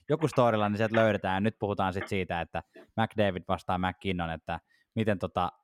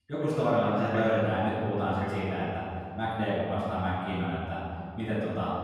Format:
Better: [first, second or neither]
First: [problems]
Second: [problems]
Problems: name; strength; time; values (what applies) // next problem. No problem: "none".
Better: first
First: none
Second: off-mic speech; far // room echo; strong; dies away in 2.5 s